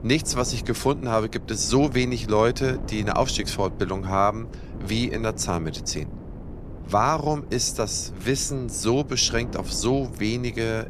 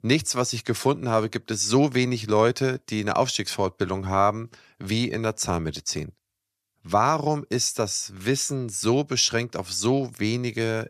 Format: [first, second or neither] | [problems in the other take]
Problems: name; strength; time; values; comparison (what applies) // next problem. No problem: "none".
second | wind noise on the microphone; occasional gusts; 20 dB below the speech